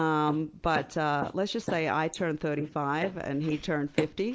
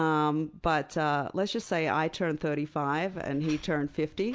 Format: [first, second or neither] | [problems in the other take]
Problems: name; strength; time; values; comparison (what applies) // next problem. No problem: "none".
second | noise reduction (neural mask model Resemble Enhance denoiser)